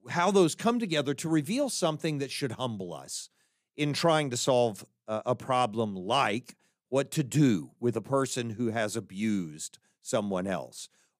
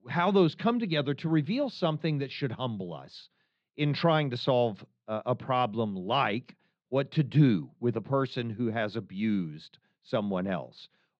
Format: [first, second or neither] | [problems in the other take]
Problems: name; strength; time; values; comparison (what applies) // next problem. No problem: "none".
first | muffled; slightly; fading above 4 kHz